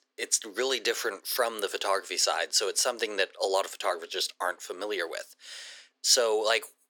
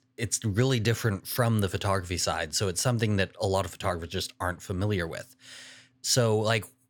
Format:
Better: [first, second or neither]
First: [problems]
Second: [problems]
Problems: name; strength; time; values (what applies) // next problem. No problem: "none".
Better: second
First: thin; very; fading below 350 Hz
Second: none